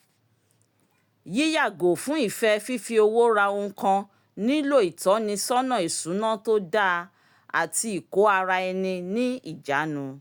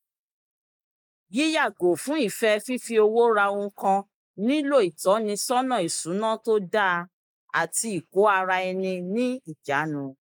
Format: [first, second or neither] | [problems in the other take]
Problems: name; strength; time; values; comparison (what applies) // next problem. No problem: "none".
first | noise reduction (neural mask model Resemble Enhance denoiser)